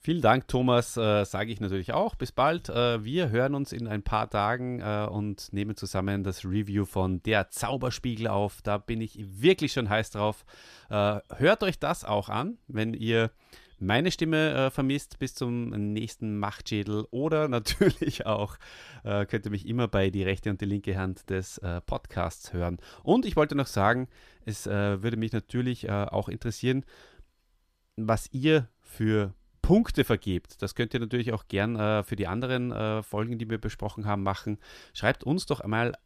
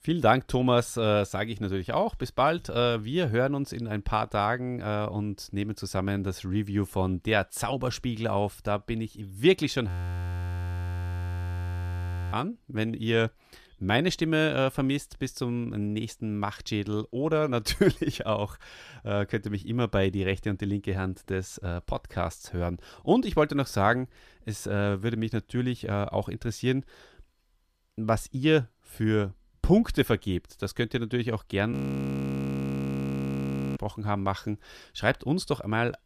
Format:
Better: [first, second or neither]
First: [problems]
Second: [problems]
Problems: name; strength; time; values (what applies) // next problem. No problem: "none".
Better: first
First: none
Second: audio freezing; at 10 s for 2.5 s and at 32 s for 2 s